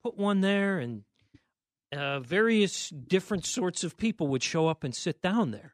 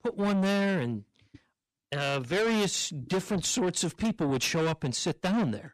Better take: first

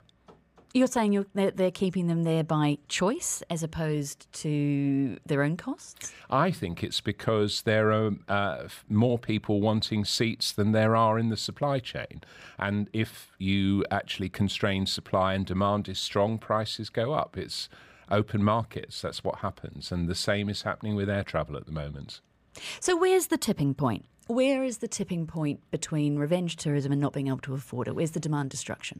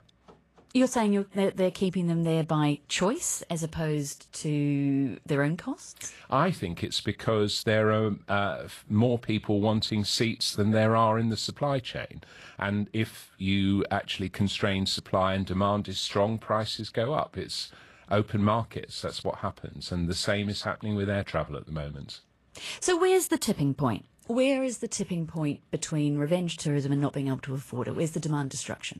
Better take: first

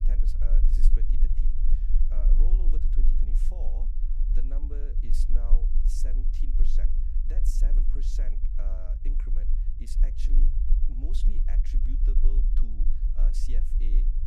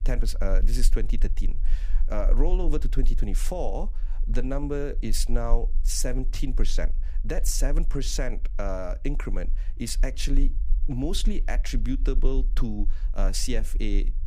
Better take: second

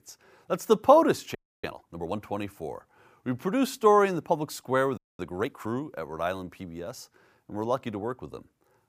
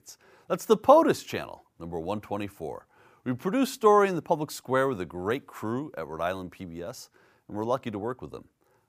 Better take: second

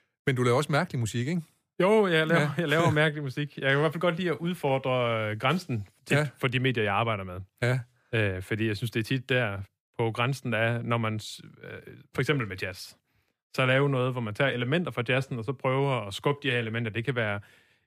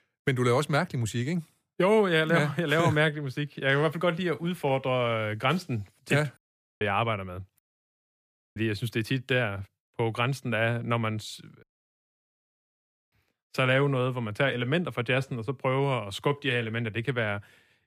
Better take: first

